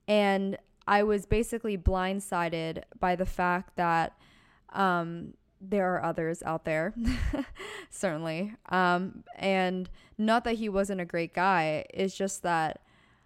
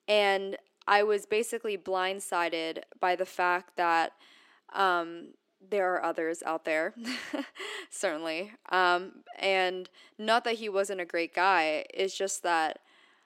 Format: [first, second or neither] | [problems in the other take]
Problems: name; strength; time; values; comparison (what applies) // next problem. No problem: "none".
first | thin; somewhat; fading below 300 Hz